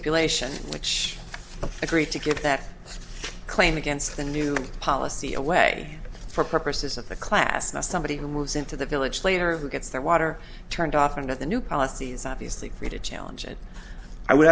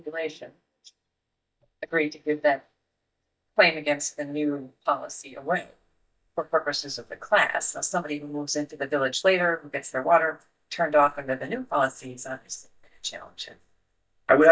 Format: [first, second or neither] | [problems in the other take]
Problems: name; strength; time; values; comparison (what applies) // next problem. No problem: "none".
first | noise reduction (neural mask model DeepFilterNet 3)